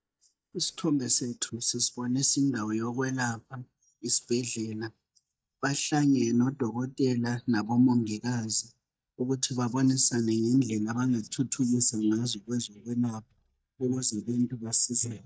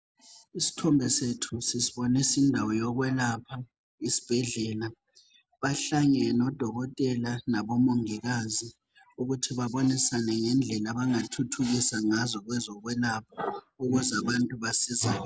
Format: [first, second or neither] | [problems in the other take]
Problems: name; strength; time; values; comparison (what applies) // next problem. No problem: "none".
second | noise reduction (neural mask model DeepFilterNet 3)